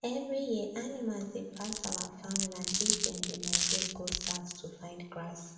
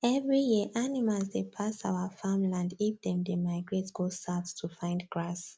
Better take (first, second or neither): second